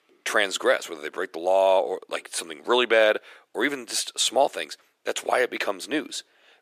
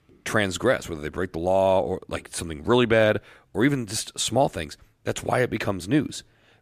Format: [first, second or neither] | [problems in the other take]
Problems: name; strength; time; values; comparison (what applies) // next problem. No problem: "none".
second | thin; somewhat; fading below 400 Hz